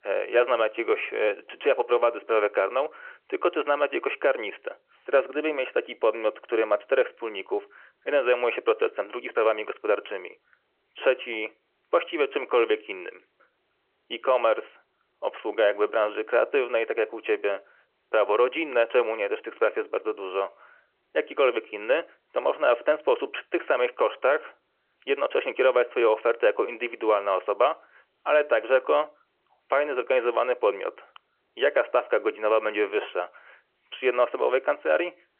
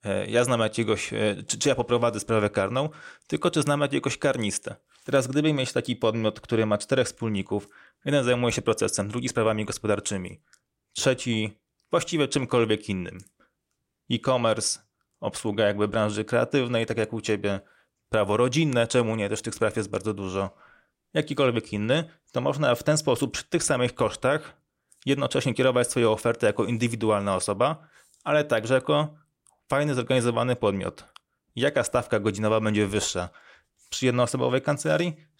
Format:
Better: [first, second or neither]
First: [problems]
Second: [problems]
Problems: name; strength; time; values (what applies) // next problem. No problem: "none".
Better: second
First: phone-call audio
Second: none